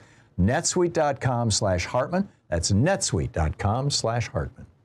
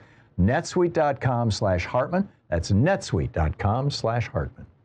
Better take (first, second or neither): first